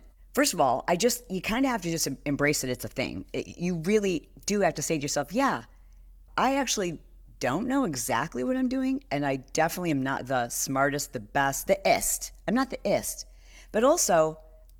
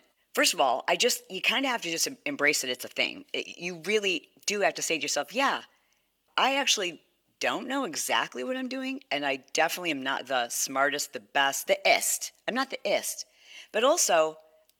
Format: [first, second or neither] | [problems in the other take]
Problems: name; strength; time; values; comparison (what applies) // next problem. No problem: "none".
first | thin; very slightly; fading below 350 Hz